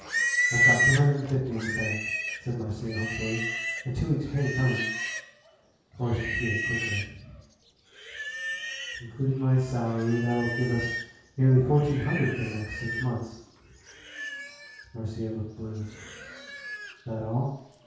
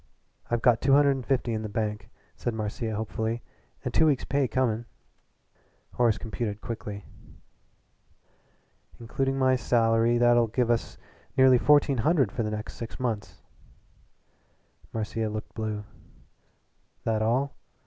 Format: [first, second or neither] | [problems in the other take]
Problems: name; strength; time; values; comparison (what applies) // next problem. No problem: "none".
second | background sound (Livestock, farm animals, working animals); 4 dB below the speech // room echo; dies away in 0.6 s